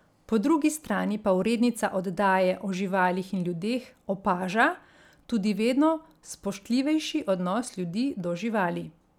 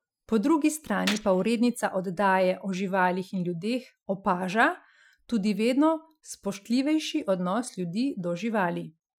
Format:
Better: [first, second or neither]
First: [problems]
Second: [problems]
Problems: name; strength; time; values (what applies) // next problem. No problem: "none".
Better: first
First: none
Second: noise reduction (classical method Wiener filter)